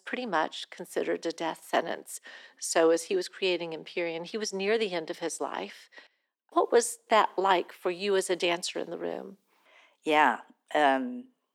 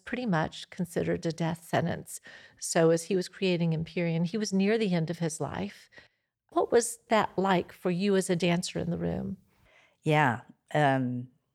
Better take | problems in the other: second | thin; somewhat; fading below 250 Hz

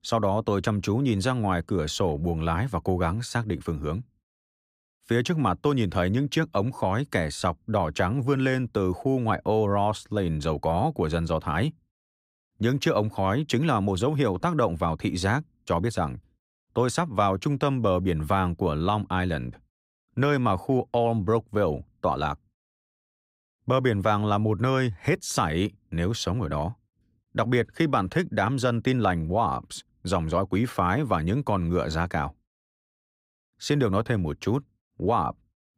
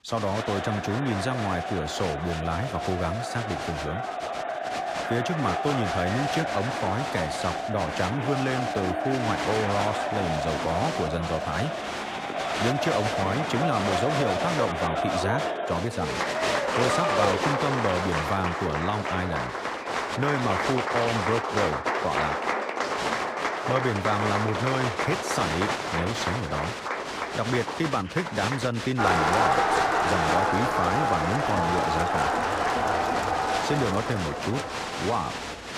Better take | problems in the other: first | crowd noise; very loud; throughout; 2 dB above the speech

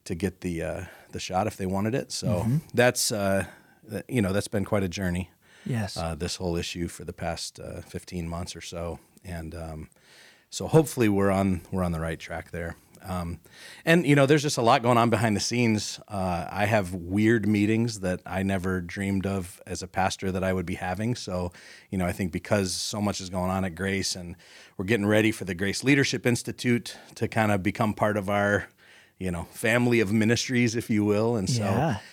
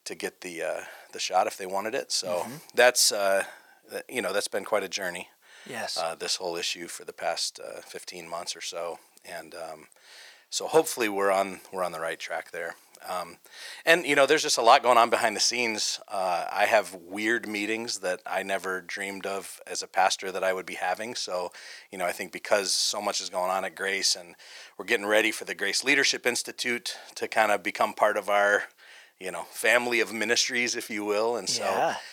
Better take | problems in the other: first | thin; very; fading below 650 Hz

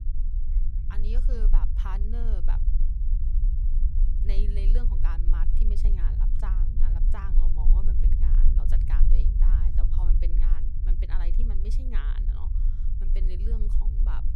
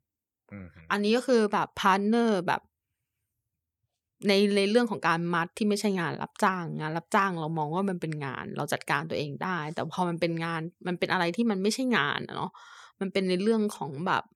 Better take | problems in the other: second | low rumble; loud; throughout; 3 dB below the speech

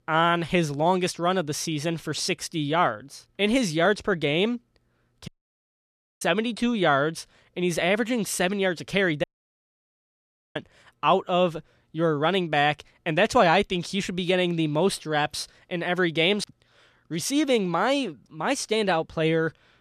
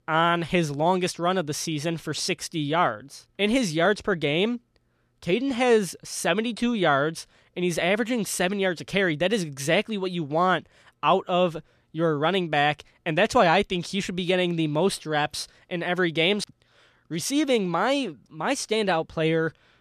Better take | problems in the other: second | audio cutting out; at 5.5 s for 1 s and at 9 s for 1.5 s

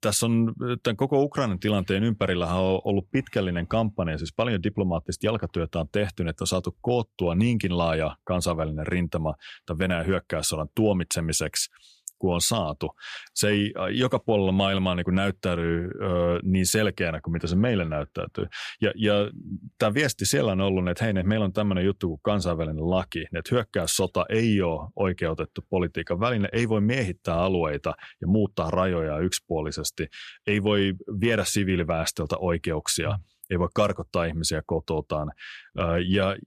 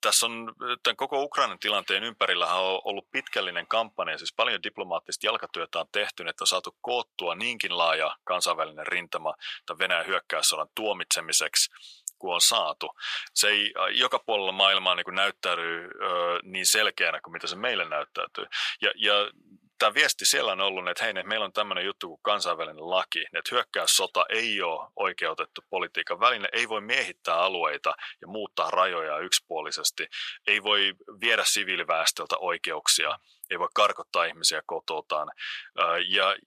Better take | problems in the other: first | thin; very; fading below 850 Hz

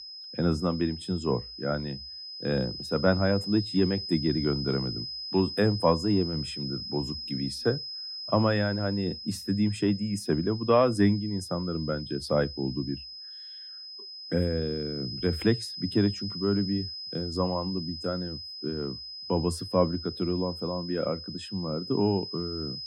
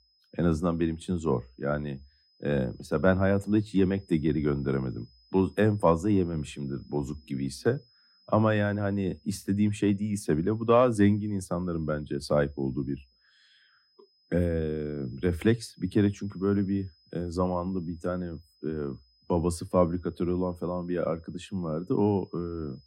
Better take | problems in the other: second | high-pitched whine; loud; throughout; 5 kHz, 8 dB below the speech; faint in the second

